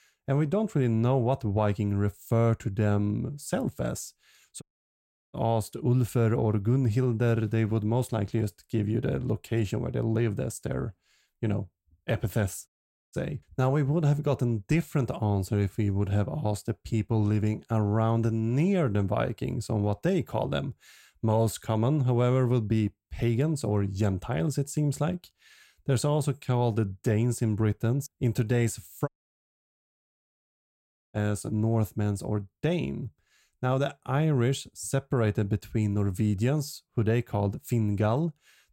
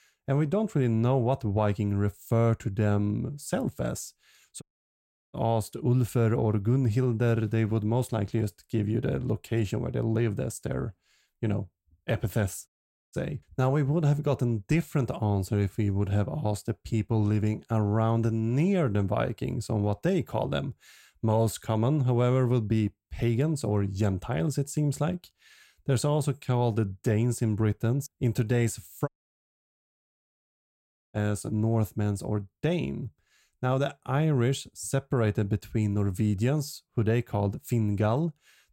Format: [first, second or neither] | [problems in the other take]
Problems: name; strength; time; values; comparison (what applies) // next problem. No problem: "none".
neither | audio cutting out; at 4.5 s for 0.5 s, at 13 s and at 29 s for 2 s; the same in both